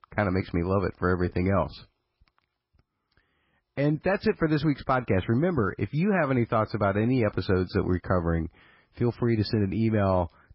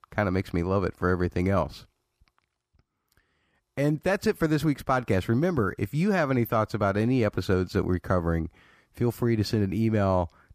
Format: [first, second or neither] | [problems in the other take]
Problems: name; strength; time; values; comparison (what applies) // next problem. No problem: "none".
second | garbled, watery; badly; nothing above 5 kHz